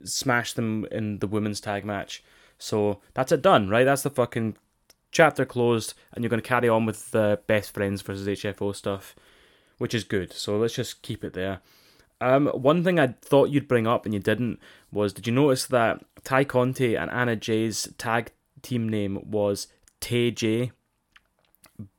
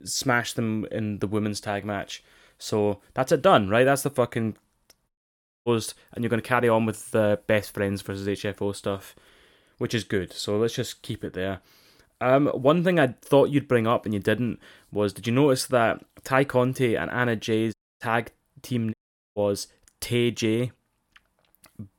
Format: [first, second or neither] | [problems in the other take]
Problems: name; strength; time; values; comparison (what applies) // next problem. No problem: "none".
first | audio cutting out; at 5 s for 0.5 s, at 18 s and at 19 s